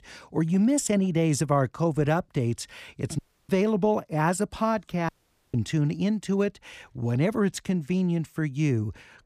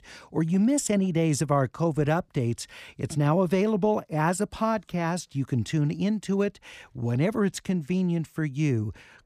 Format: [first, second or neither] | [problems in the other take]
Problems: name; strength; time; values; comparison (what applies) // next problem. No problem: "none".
second | audio cutting out; at 3 s and at 5 s